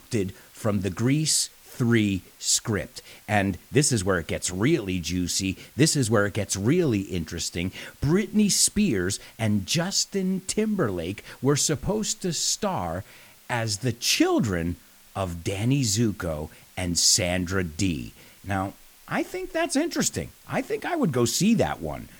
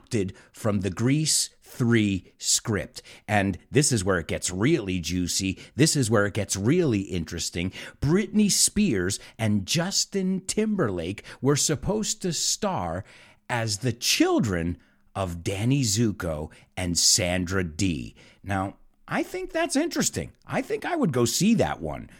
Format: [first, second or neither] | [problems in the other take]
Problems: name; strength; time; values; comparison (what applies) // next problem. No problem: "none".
second | hiss; faint; throughout; 25 dB below the speech